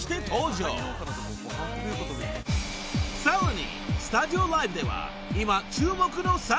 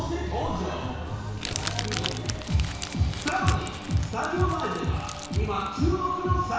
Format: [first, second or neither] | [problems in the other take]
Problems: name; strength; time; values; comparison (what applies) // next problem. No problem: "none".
first | background sound (Crumpling, crinkling); 11 dB below the speech // room echo; dies away in 1.1 s